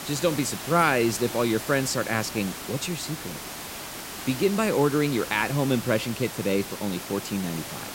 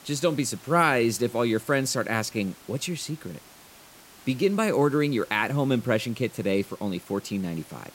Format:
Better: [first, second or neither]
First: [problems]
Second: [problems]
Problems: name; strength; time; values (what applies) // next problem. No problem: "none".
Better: second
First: hiss; loud; throughout; 9 dB below the speech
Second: hiss; faint; throughout; 20 dB below the speech